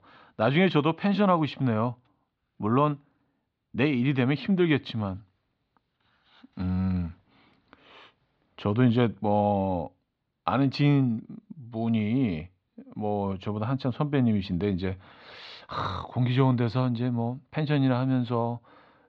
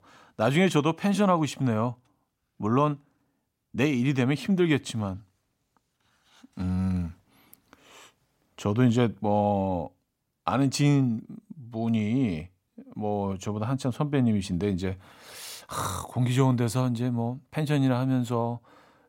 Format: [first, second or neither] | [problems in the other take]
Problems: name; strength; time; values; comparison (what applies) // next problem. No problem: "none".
second | muffled; very slightly; fading above 4 kHz